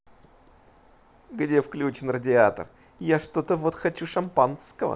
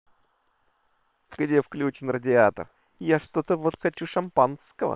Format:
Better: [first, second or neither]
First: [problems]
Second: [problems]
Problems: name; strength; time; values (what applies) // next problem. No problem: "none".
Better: first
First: none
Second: noise reduction (neural separator model SepFormer WHAM!)